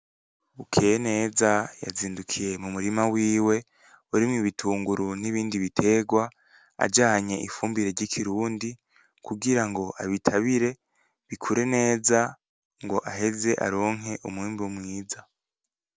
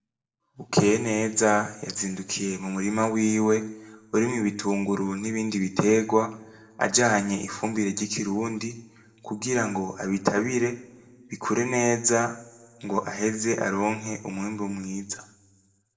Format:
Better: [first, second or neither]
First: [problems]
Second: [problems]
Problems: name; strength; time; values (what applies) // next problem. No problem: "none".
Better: first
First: none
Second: room echo; dies away in 0.7 s